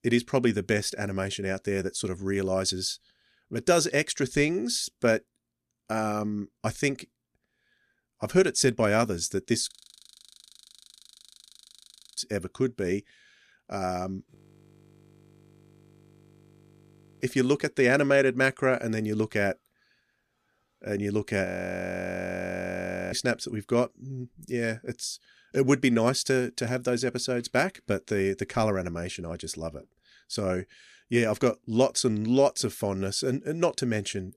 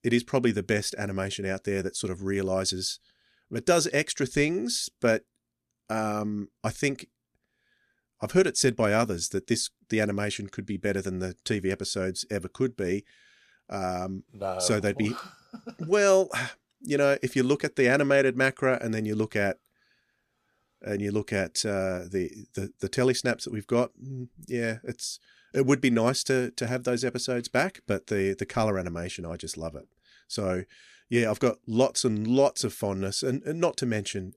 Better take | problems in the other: second | audio freezing; at 9.5 s for 2.5 s, at 14 s for 3 s and at 21 s for 1.5 s

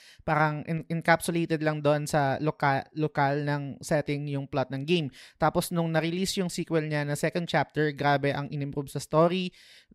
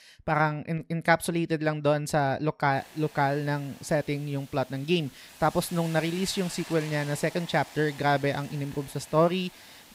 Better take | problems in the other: first | hiss; noticeable; from 3 s on; 20 dB below the speech

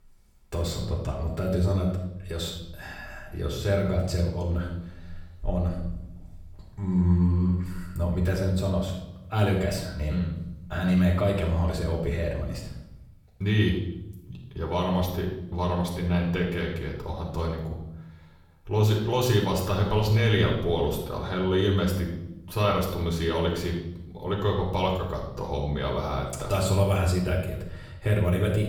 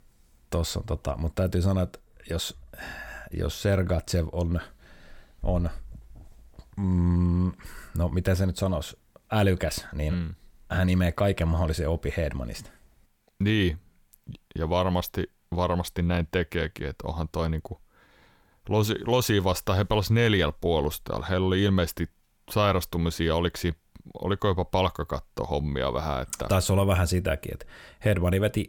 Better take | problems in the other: second | off-mic speech; far // room echo; noticeable; dies away in 0.8 s

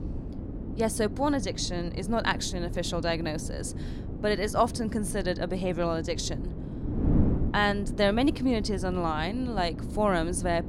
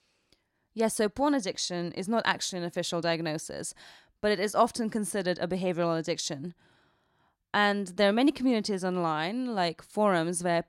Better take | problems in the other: second | wind noise on the microphone; occasional gusts; 15 dB below the speech

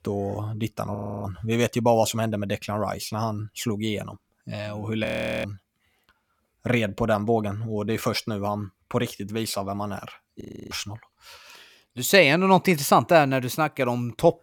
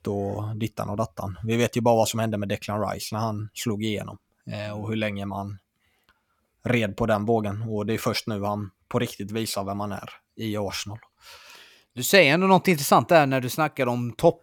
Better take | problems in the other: second | audio freezing; at 1 s, at 5 s and at 10 s

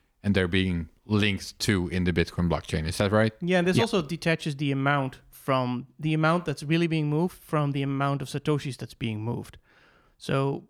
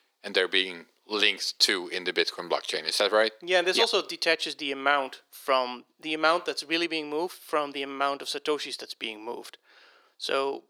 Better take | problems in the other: first | thin; very; fading below 400 Hz

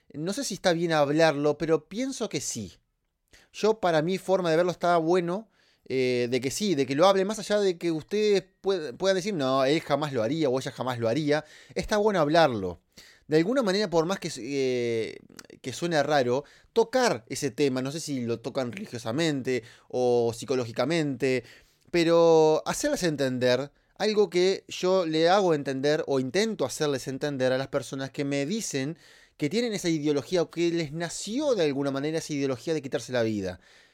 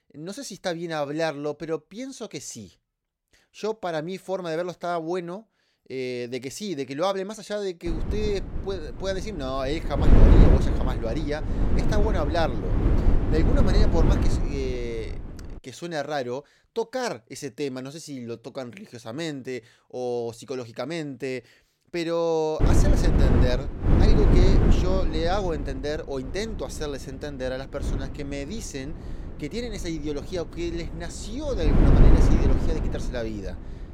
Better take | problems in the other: first | wind noise on the microphone; heavy; from 8 to 16 s and from 23 s on; 1 dB below the speech

